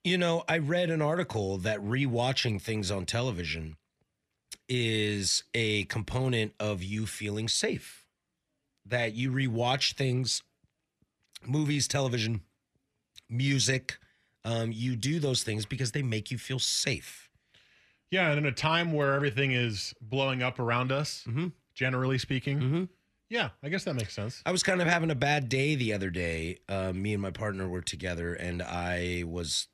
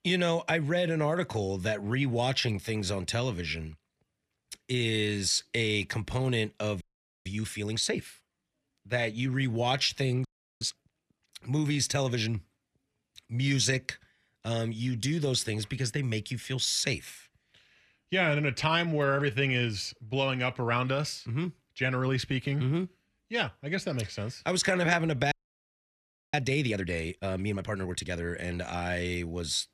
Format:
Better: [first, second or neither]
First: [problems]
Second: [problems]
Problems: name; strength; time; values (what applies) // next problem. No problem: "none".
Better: first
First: none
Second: audio freezing; at 7 s, at 10 s and at 25 s for 1 s